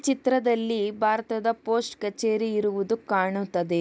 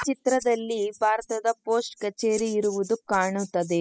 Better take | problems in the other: first | noise reduction (classical method spectral subtraction)

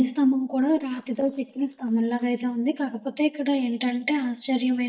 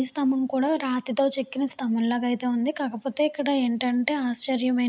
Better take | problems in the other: second | noise reduction (neural mask model DeepFilterNet 3)

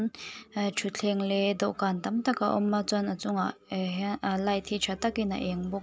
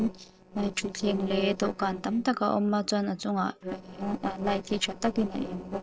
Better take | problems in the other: first | noise reduction (neural separator model SepFormer DNS4)

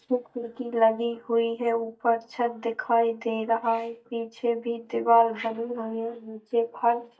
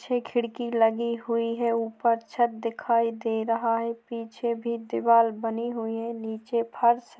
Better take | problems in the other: second | noise reduction (neural mask model DeepFilterNet 3)

